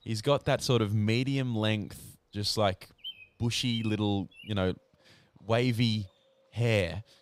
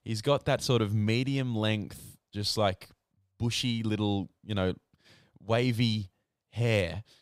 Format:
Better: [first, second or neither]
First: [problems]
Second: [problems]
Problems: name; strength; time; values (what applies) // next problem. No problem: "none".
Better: second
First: animal sounds; noticeable; throughout; 15 dB below the speech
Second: none